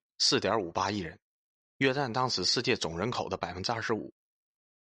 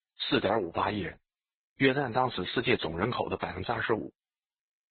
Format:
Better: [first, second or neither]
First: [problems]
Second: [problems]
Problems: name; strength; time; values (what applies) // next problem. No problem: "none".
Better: first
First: none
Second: garbled, watery; badly; nothing above 4 kHz